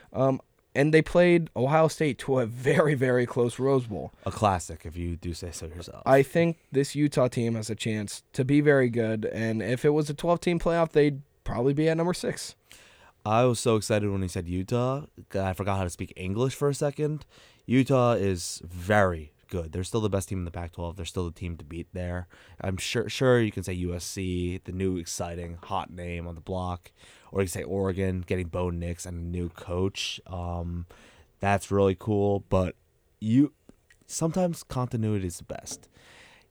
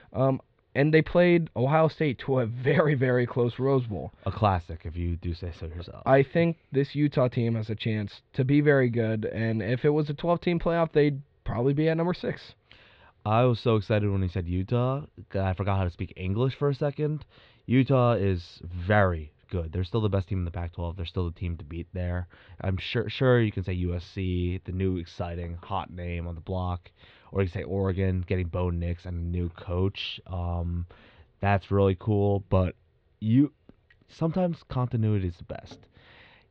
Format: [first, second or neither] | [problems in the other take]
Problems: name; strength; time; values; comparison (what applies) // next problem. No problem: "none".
first | muffled; slightly; fading above 4 kHz